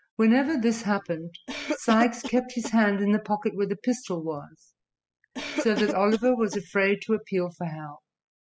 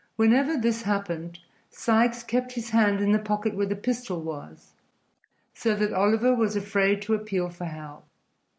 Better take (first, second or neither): second